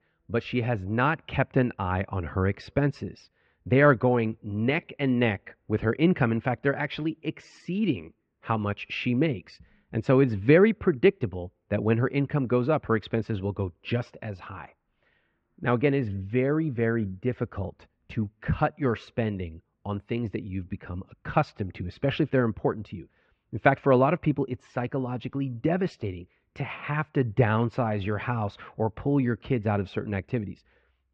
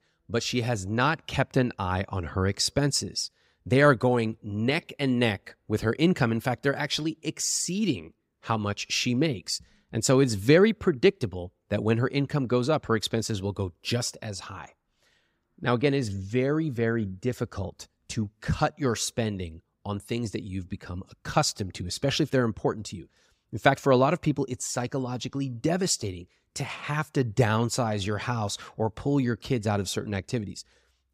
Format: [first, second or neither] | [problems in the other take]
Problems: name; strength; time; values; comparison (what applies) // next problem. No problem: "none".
second | muffled; very; fading above 2.5 kHz